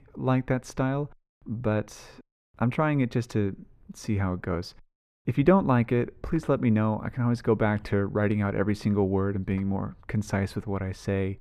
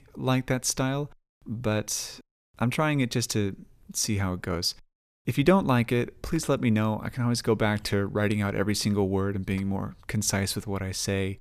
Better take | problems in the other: second | muffled; very; fading above 3 kHz

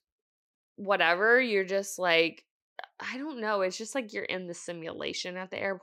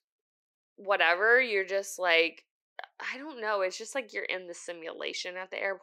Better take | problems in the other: first | thin; somewhat; fading below 450 Hz

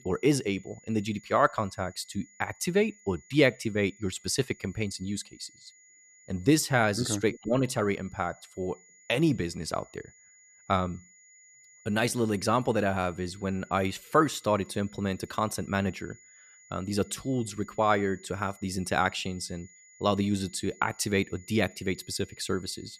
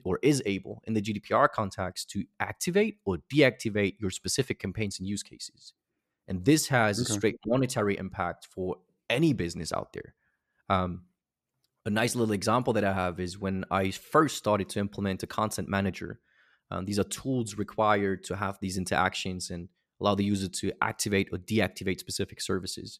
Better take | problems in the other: second | high-pitched whine; faint; throughout; 2 kHz, 25 dB below the speech

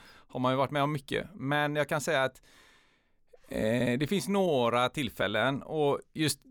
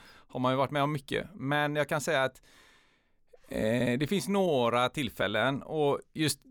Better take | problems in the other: neither | none

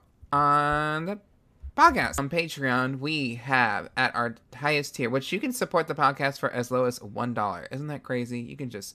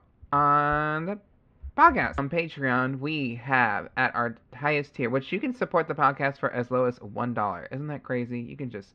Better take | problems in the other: first | muffled; slightly; fading above 2.5 kHz

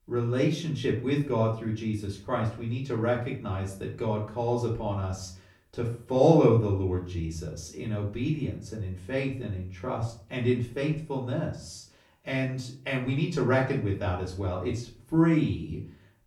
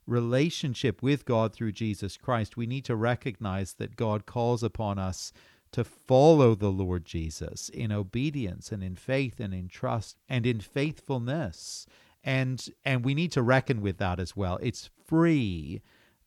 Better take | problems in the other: second | off-mic speech; far // room echo; slight; dies away in 0.4 s

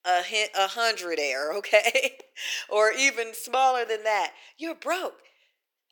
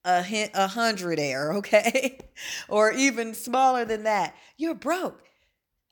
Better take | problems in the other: second | thin; somewhat; fading below 400 Hz

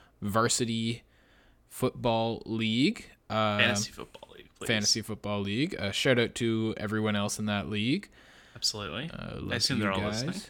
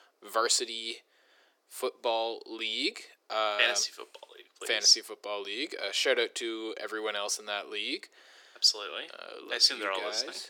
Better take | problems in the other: first | thin; very; fading below 350 Hz

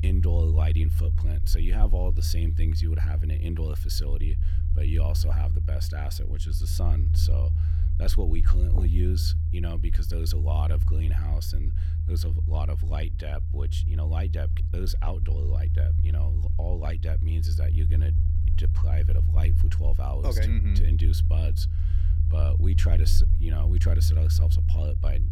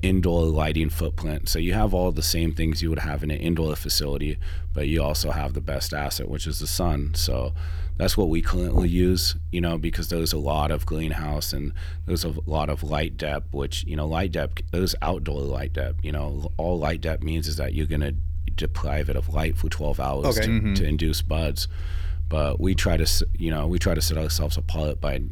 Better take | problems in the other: second | low rumble; loud; throughout; 3 dB below the speech; faint in the second

